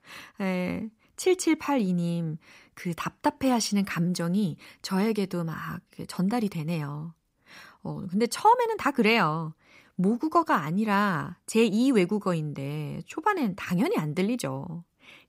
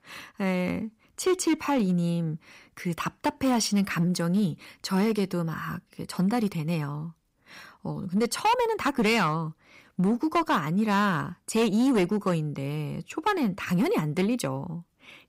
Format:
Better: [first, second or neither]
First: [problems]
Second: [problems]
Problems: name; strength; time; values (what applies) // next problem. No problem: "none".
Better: first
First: none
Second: distortion; slight; 5% of the sound clipped